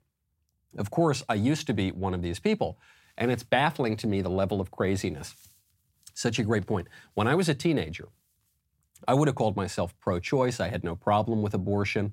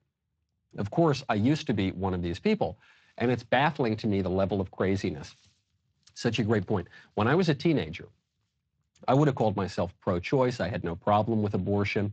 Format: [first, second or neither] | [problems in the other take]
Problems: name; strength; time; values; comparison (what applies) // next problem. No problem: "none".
first | garbled, watery; slightly; nothing above 7.5 kHz